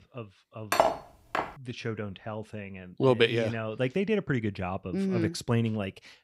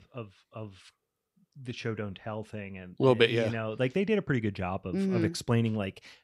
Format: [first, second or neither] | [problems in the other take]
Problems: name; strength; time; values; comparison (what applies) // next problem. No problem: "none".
second | clattering dishes; loud; at 0.5 s; peak 3 dB above the speech